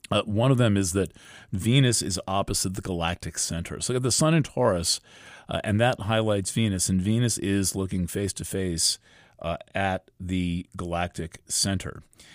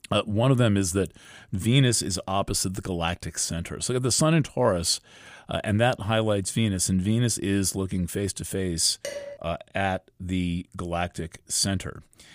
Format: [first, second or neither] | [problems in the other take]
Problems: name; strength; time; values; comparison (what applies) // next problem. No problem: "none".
first | clattering dishes; faint; at 9 s; peak 10 dB below the speech